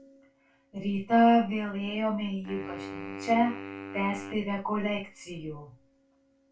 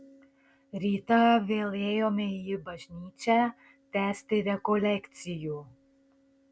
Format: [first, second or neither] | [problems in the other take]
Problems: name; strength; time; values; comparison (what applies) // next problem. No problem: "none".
second | background sound (Wind instrument, woodwind instrument); 12 dB below the speech // room echo; dies away in 0.2 s